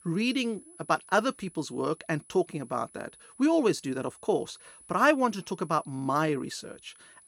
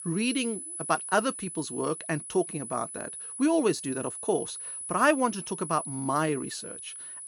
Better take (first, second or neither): first